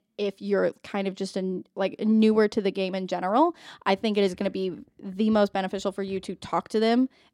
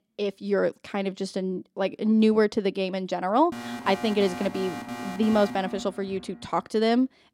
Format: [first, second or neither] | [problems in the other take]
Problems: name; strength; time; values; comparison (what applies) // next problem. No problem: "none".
first | alarm; noticeable; from 3.5 to 6.5 s; peak 9 dB below the speech